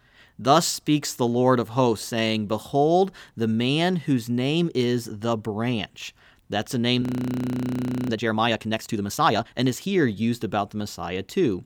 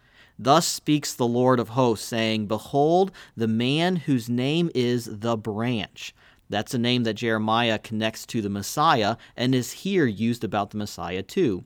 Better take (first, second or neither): second